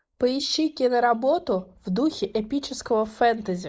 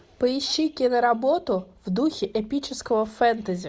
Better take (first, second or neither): second